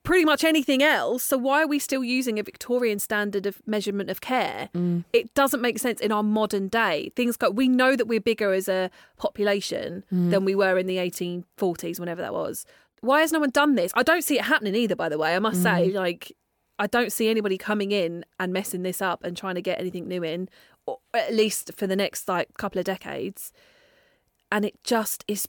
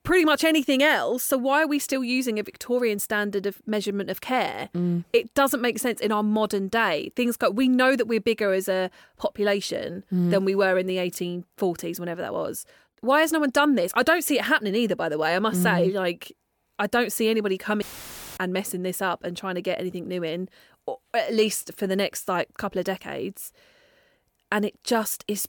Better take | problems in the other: first | audio cutting out; filled with static; at 18 s for 0.5 s

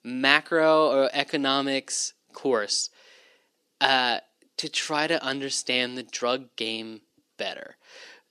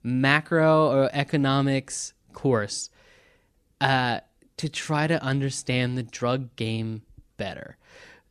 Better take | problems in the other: second | thin; somewhat; fading below 300 Hz

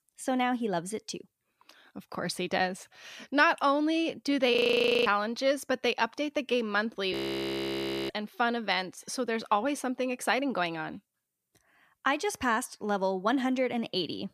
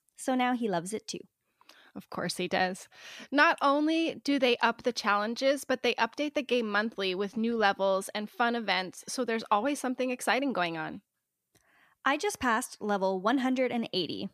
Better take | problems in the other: second | audio freezing; at 4.5 s for 0.5 s and at 7 s for 1 s

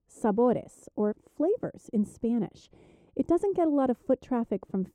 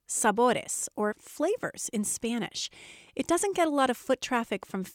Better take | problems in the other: second | muffled; very; fading above 1 kHz

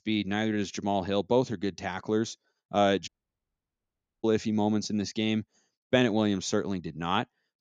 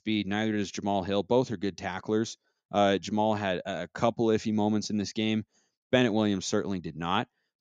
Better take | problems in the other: second | audio cutting out; at 3 s for 1 s

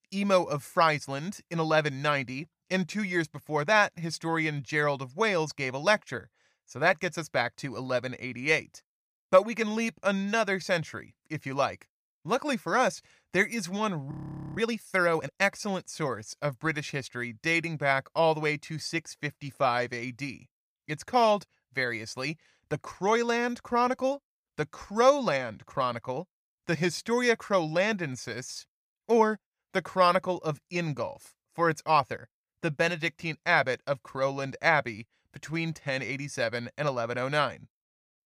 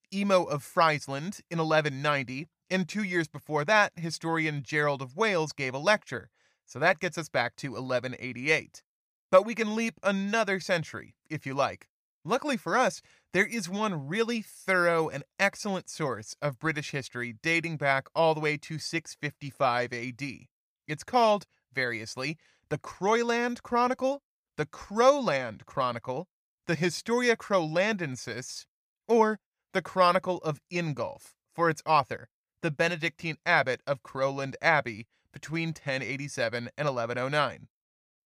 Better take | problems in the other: second | audio freezing; at 14 s

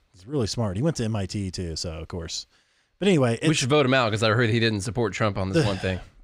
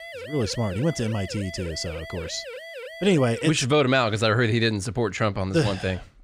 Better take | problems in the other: first | siren; faint; until 3.5 s; peak 10 dB below the speech

